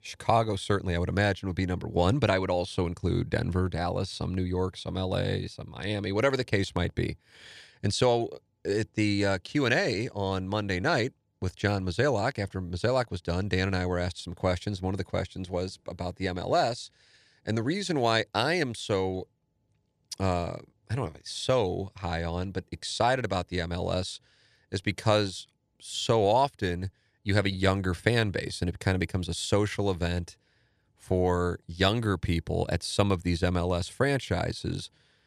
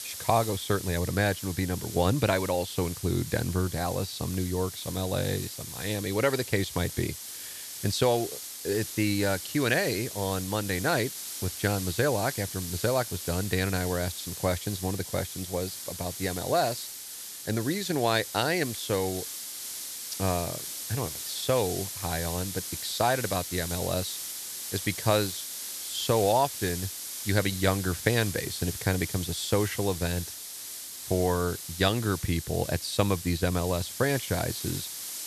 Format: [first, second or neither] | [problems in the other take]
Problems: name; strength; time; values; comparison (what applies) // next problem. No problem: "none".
first | hiss; loud; throughout; 7 dB below the speech